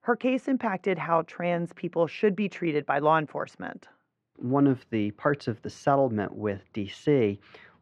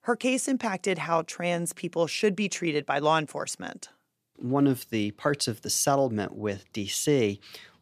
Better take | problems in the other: second | muffled; very; fading above 1.5 kHz

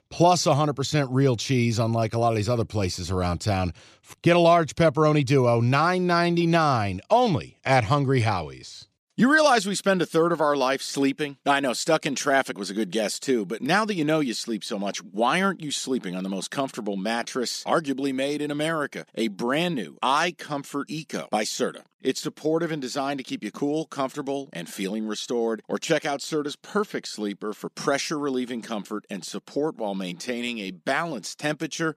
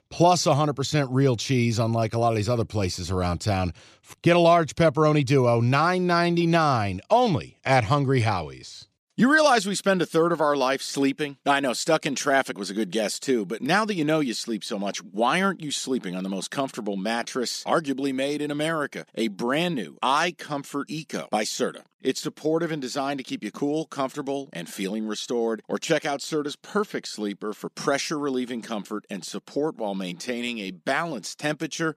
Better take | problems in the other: neither | none

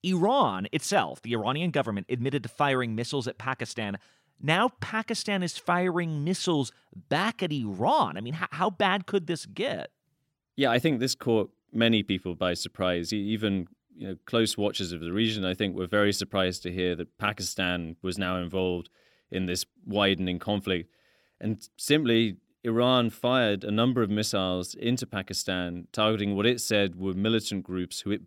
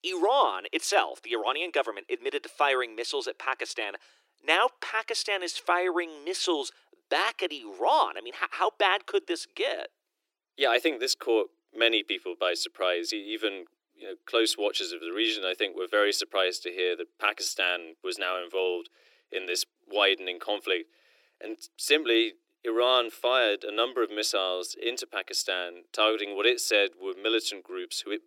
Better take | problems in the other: first | thin; very; fading below 350 Hz

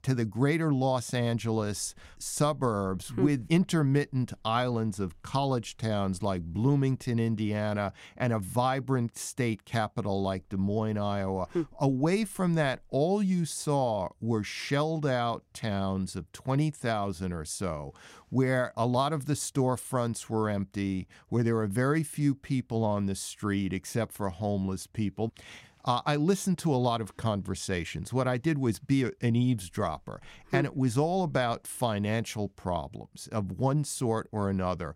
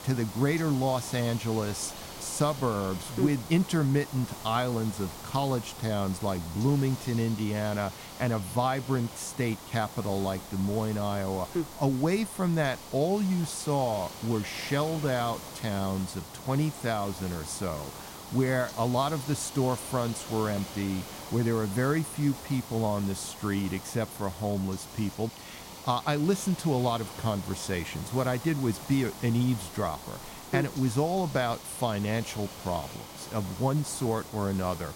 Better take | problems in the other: first | hiss; noticeable; throughout; 10 dB below the speech

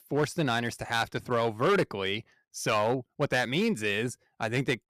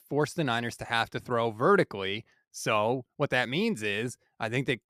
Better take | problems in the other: second | distortion; slight; 4% of the sound clipped

